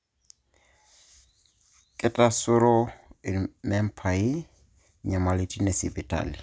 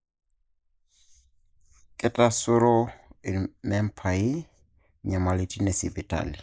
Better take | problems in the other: first | noise reduction (neural mask model Resemble Enhance denoiser)

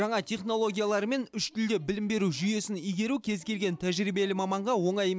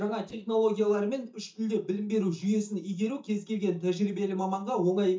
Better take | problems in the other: first | noise reduction (neural mask model DeepFilterNet 3)

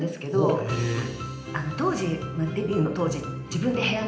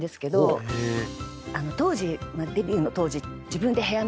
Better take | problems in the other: second | room echo; dies away in 0.8 s

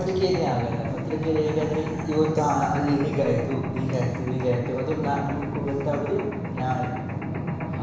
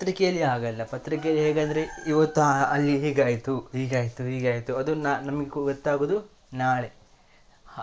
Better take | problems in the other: second | background sound (Mechanisms); 3 dB below the speech // room echo; dies away in 1 s

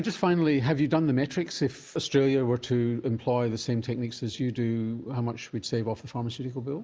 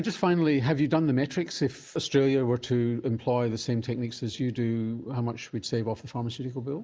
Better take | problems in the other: first | noise reduction (neural mask model Resemble Enhance denoiser)

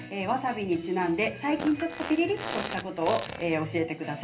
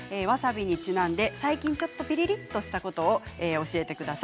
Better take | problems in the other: second | background sound (Fart); 10 dB below the speech // room echo; dies away in 0.3 s

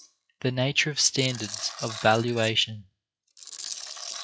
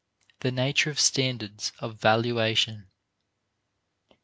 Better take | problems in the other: second | noise reduction (classical method log-MMSE)

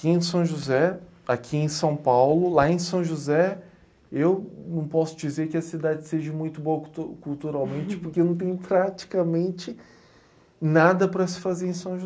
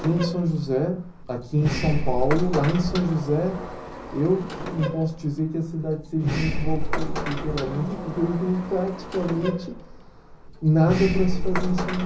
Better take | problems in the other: first | background sound (Sliding door); 3 dB below the speech // room echo; dies away in 0.5 s

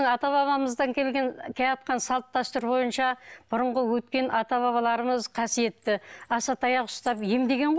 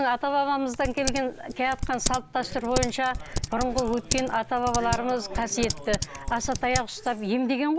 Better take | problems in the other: first | background sound (Typing); 6 dB below the speech

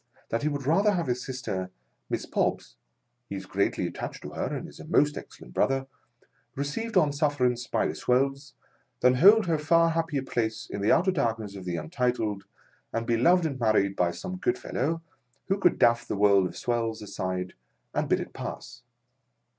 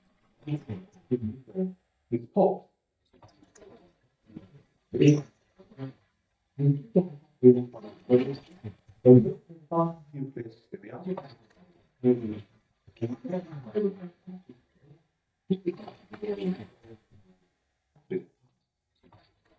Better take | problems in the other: first | noise reduction (neural mask model DeepFilterNet 3)

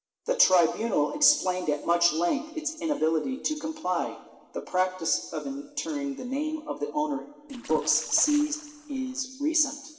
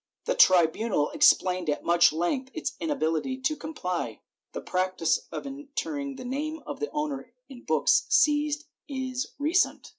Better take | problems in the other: second | noise reduction (neural separator model SepFormer DNS4)

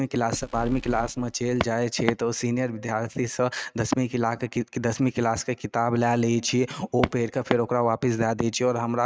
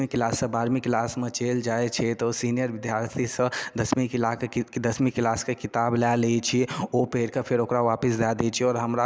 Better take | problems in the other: second | noise reduction (neural mask model RNNoise)

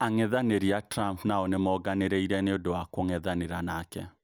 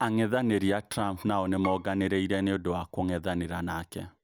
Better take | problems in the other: first | background sound (Bowed string instrument); 17 dB below the speech

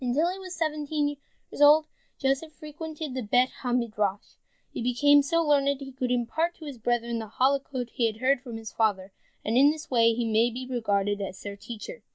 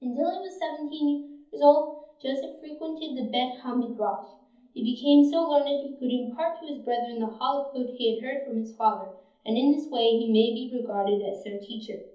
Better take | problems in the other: first | room echo; dies away in 0.7 s

